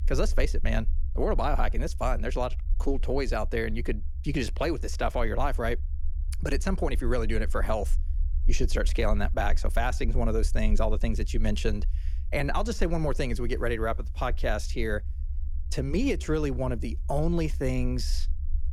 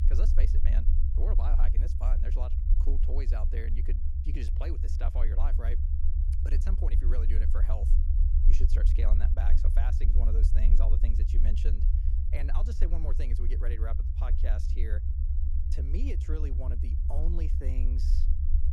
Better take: first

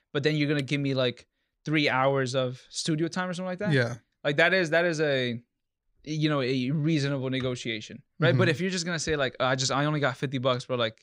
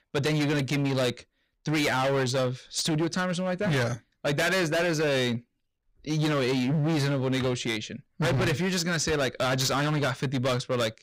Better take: first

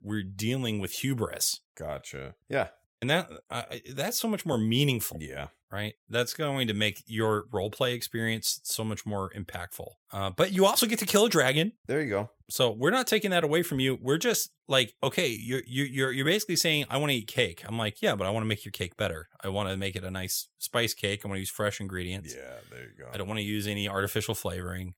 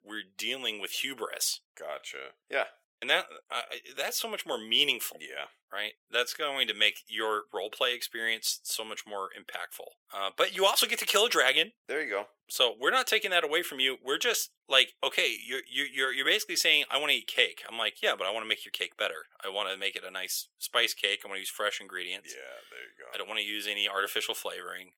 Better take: first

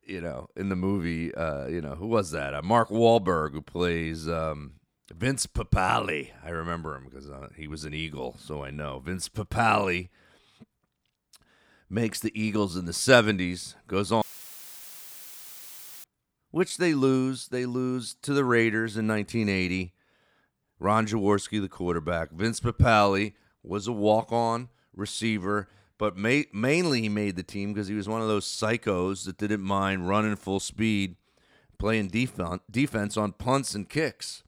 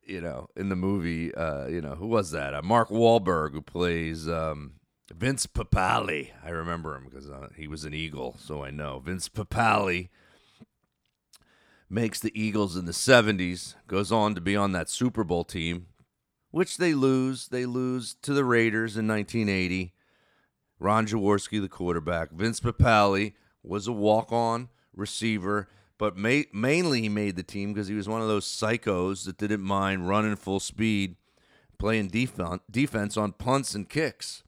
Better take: second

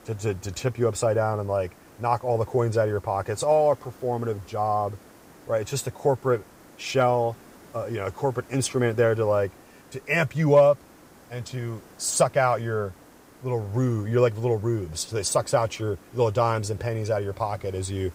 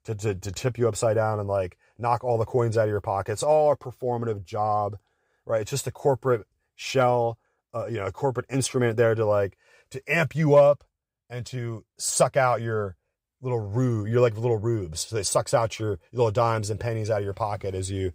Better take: second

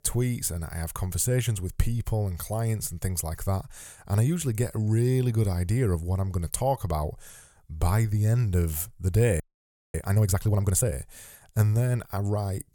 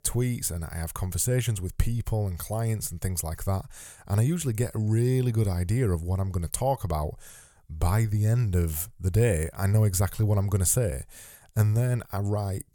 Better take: second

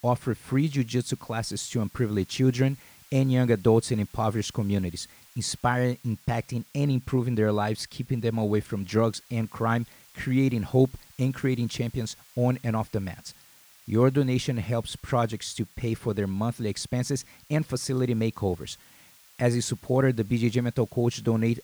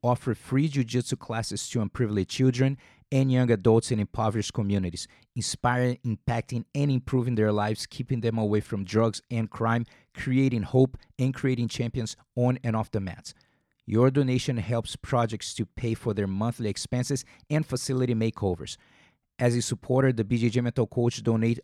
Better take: second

